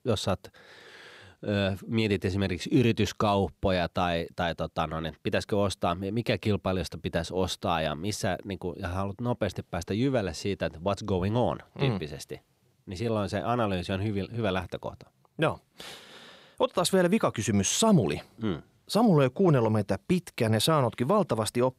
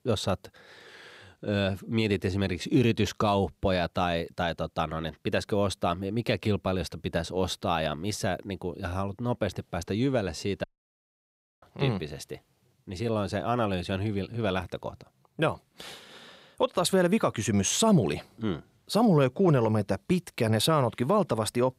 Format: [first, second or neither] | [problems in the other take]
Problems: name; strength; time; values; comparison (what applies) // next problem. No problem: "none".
first | audio cutting out; at 11 s for 1 s